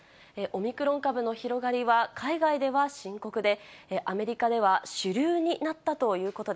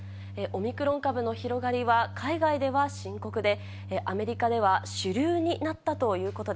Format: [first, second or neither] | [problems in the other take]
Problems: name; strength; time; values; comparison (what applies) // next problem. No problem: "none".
first | background sound (Organ); 12 dB below the speech